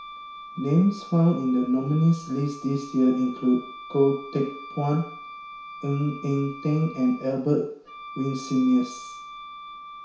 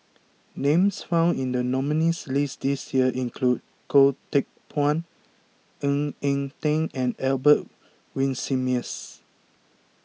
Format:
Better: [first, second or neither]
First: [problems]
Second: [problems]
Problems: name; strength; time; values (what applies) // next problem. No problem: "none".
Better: second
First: background sound (Wind instrument, woodwind instrument); 16 dB below the speech // room echo; dies away in 0.6 s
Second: none